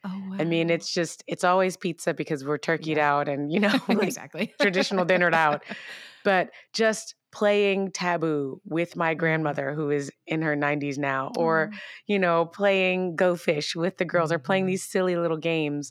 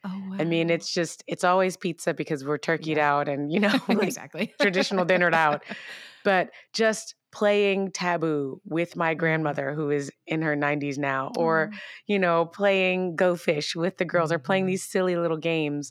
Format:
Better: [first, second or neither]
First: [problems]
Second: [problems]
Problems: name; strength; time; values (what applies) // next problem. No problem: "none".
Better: neither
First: none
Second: none